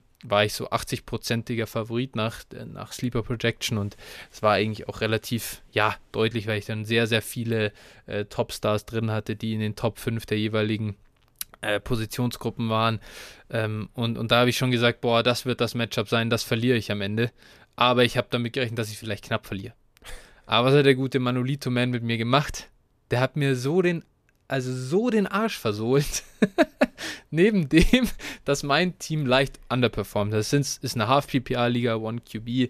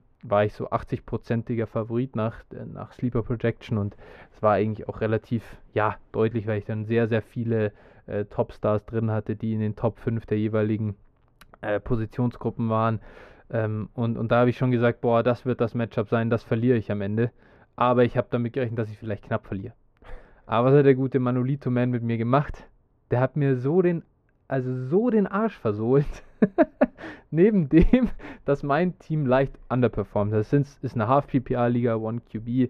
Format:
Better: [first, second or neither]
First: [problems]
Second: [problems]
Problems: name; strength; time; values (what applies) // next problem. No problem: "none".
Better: first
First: none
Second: muffled; very; fading above 3 kHz